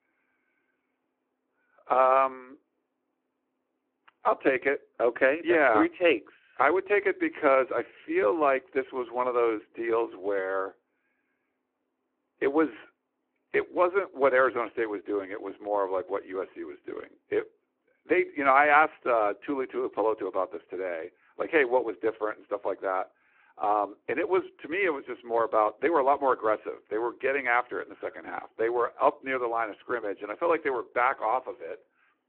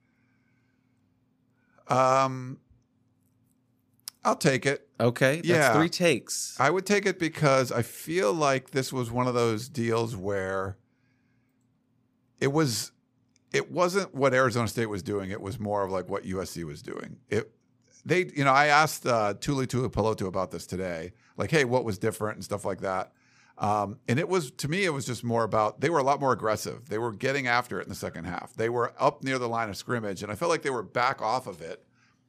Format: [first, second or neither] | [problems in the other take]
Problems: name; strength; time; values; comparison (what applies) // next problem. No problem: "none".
second | phone-call audio